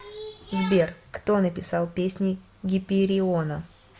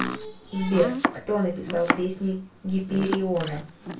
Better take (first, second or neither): first